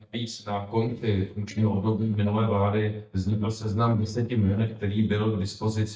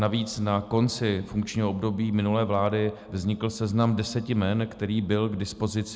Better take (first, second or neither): second